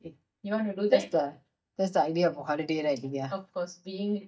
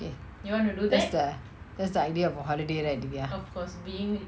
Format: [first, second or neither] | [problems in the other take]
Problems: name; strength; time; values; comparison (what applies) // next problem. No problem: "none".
second | noise reduction (neural mask model DeepFilterNet 3)